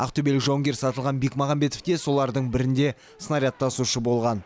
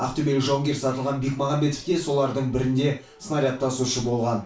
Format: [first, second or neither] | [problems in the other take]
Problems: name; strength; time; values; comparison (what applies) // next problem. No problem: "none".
first | room echo; dies away in 0.3 s